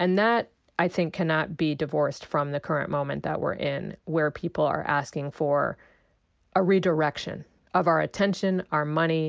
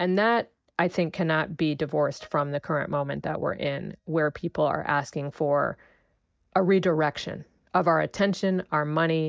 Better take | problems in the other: first | noise reduction (neural mask model DeepFilterNet 3)

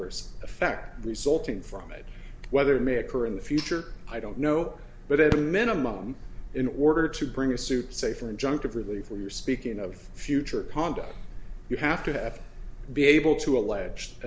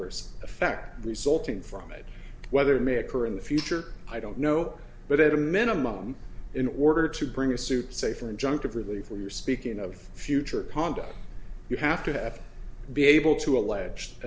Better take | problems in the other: second | background sound (Fireworks); 11 dB below the speech

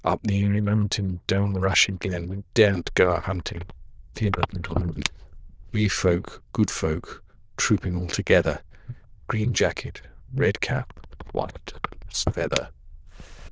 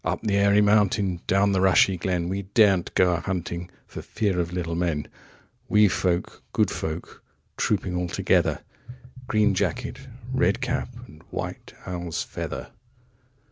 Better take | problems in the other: second | noise reduction (neural diffusion model UNIVERSE++)

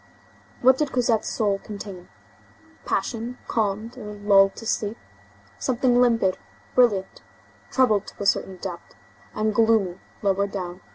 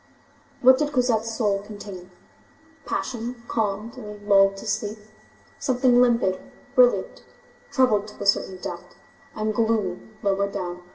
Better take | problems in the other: first | room echo; dies away in 0.8 s

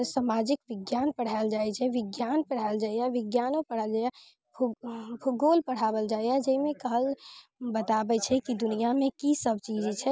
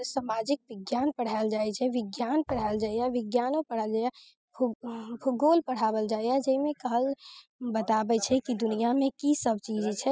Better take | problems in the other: first | noise reduction (classical method spectral subtraction)

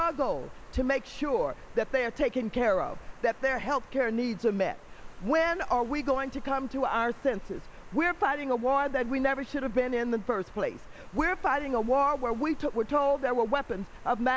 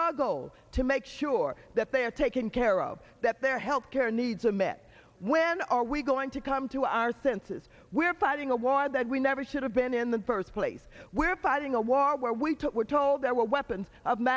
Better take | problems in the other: second | background sound (Water); 14 dB below the speech

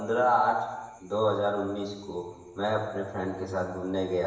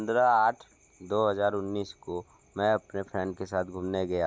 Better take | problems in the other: second | room echo; dies away in 1 s

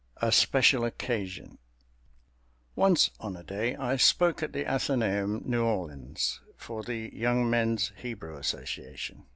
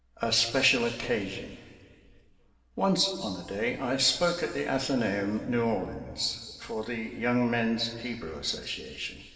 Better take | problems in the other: first | room echo; dies away in 2 s

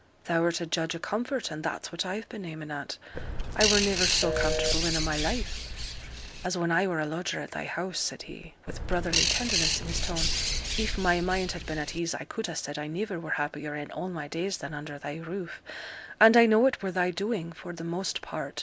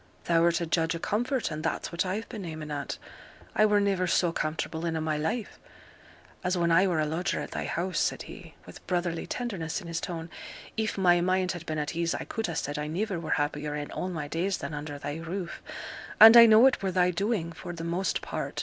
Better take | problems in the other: second | background sound (Telephone + Bird); 1 dB above the speech

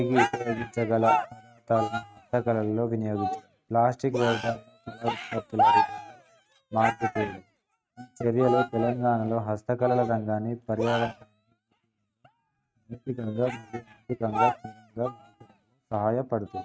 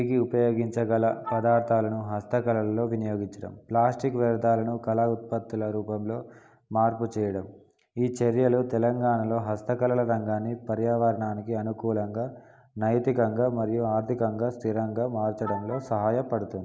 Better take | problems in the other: second | noise reduction (neural mask model RNNoise)

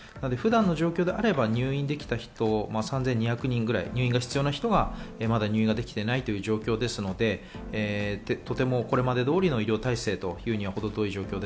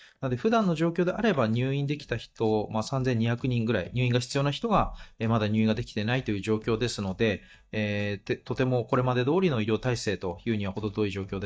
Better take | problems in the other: first | noise reduction (neural mask model DeepFilterNet 3)

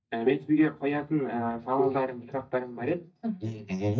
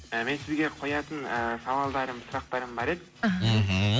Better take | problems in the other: second | noise reduction (neural mask model DeepFilterNet 3)

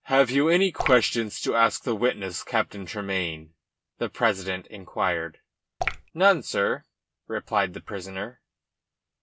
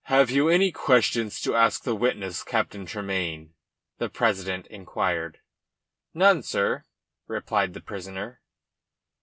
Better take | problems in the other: second | background sound (Drip / Water); 3 dB below the speech

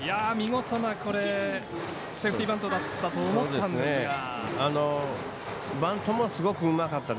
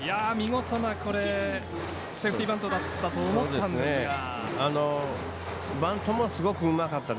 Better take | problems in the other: first | background sound (Bowed string instrument); 14 dB below the speech

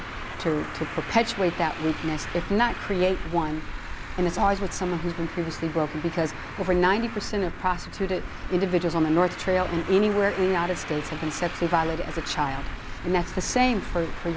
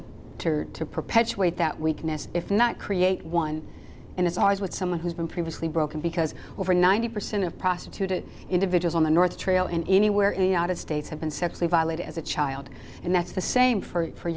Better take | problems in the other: second | background sound (Traffic noise, roadway noise); 8 dB below the speech

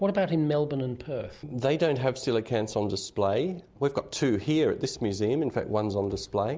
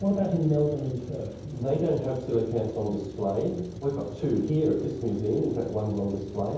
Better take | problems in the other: first | background sound (Truck); 15 dB below the speech // room echo; dies away in 0.9 s

